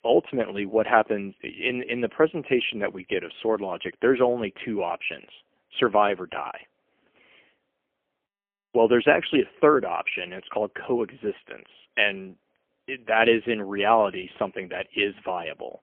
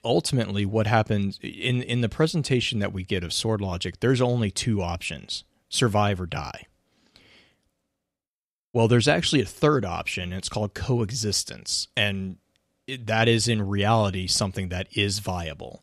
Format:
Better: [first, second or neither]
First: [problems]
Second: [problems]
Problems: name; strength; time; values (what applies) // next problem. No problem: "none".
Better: second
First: phone-call audio; poor line; nothing above 3 kHz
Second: none